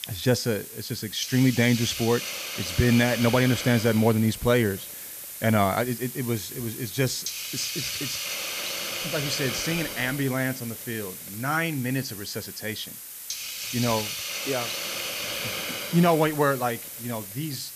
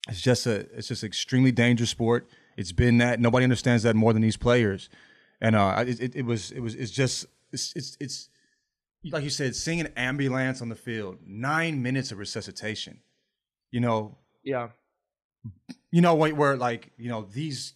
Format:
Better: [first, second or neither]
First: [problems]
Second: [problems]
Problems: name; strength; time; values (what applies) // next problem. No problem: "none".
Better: second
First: hiss; loud; throughout; 6 dB below the speech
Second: none